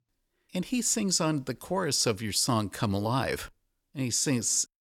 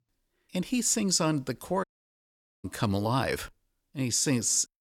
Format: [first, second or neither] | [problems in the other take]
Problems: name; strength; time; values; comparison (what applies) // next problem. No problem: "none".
first | audio cutting out; at 2 s for 1 s